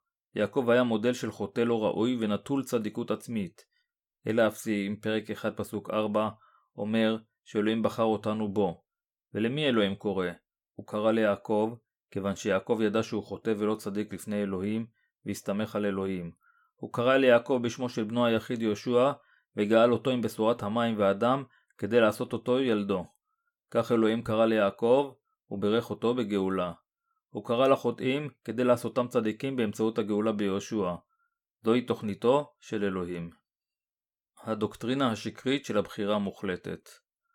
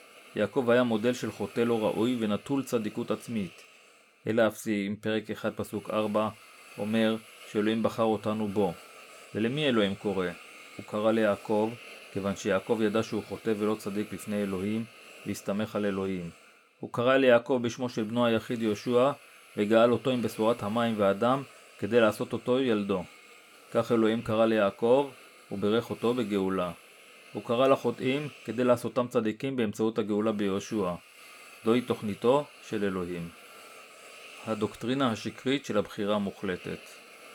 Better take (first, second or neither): first